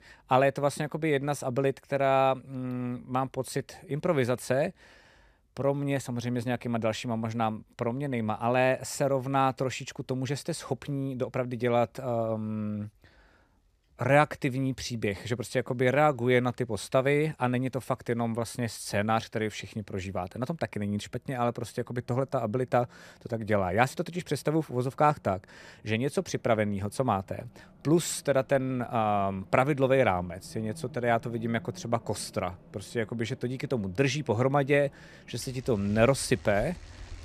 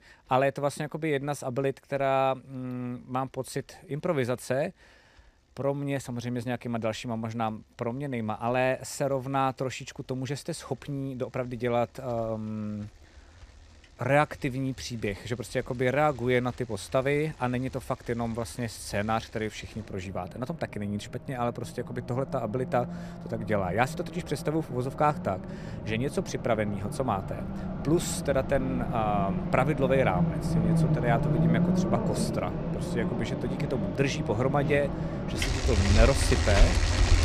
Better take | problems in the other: first | traffic noise; loud; throughout; as loud as the speech; faint in the first

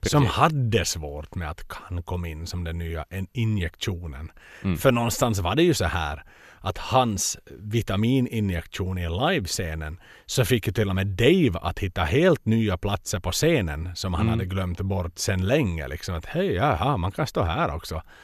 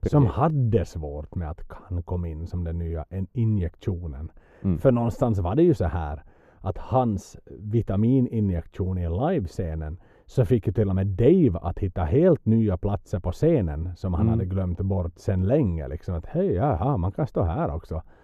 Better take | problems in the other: first | muffled; very; fading above 1.5 kHz

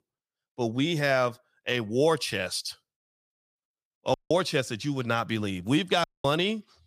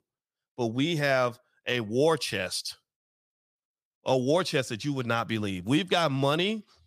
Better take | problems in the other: second | audio cutting out; at 4 s and at 6 s

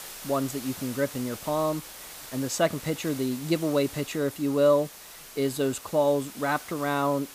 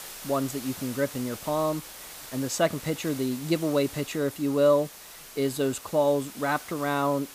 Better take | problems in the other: neither | hiss; noticeable; throughout; 15 dB below the speech; the same in both

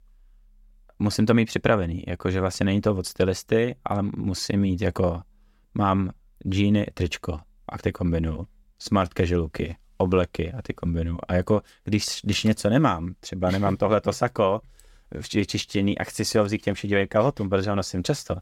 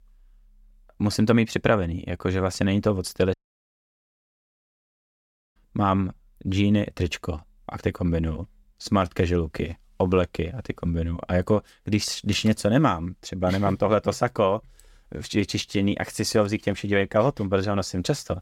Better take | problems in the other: first | audio cutting out; at 3.5 s for 2 s

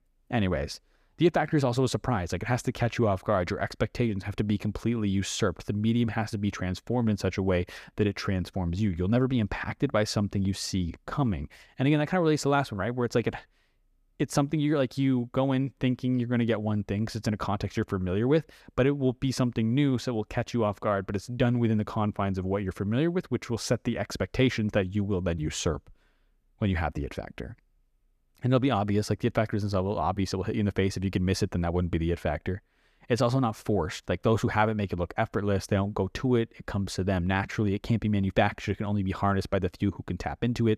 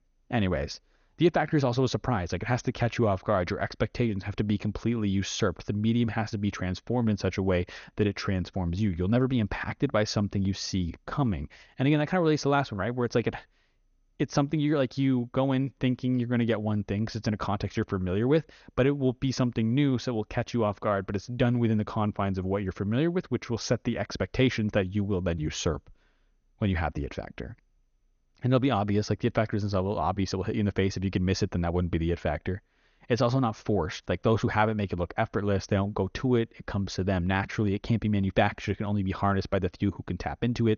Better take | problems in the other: first | garbled, watery; slightly; nothing above 6.5 kHz

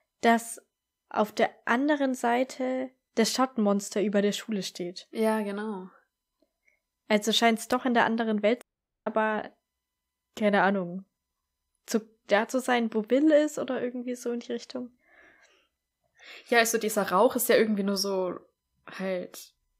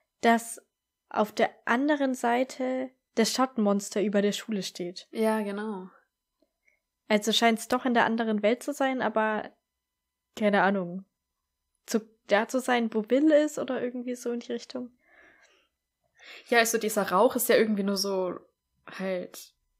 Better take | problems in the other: second | audio cutting out; at 8.5 s

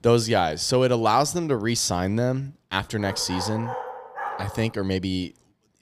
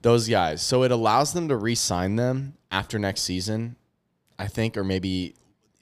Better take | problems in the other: second | dog barking; noticeable; from 3 to 4.5 s; peak 8 dB below the speech

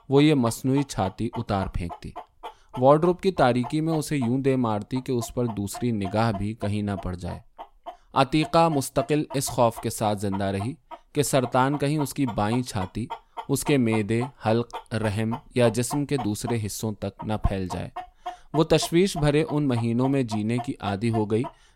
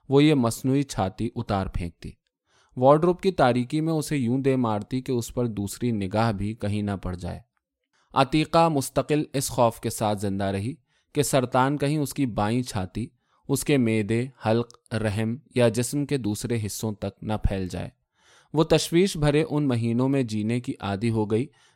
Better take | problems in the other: second | animal sounds; noticeable; throughout; 15 dB below the speech

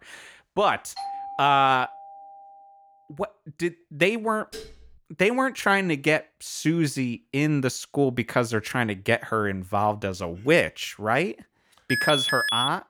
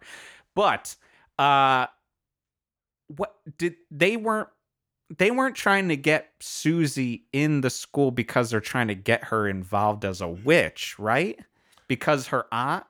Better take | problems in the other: second | doorbell; noticeable; from 1 to 2.5 s; peak 9 dB below the speech // clattering dishes; faint; at 4.5 s; peak 15 dB below the speech // alarm; loud; at 12 s; peak 2 dB above the speech

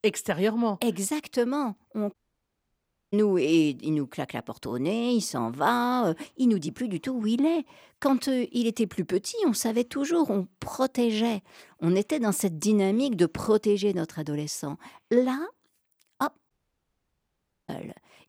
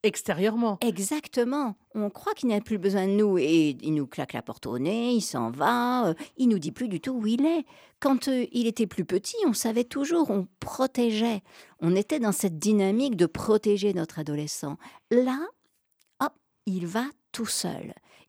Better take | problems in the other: second | audio cutting out; at 2 s for 1 s and at 17 s for 1 s

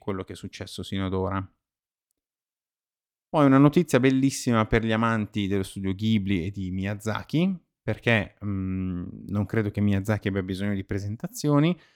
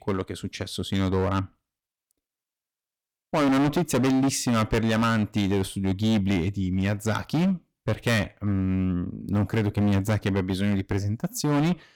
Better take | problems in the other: first | distortion; heavy; 14% of the sound clipped

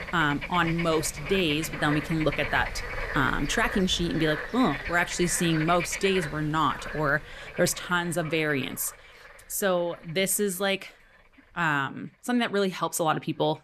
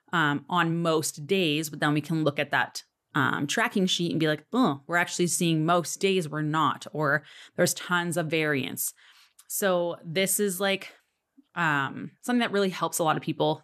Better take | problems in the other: second | animal sounds; loud; throughout; 9 dB below the speech

